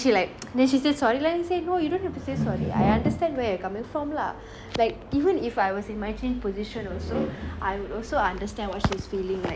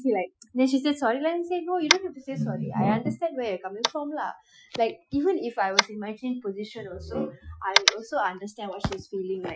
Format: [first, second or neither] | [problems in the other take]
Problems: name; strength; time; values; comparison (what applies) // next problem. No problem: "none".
first | noise reduction (classical method Wiener filter)